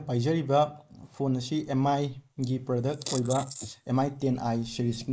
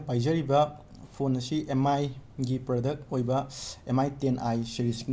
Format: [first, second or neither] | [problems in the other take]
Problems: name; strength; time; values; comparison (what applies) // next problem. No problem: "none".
second | noise reduction (neural mask model Resemble Enhance denoiser)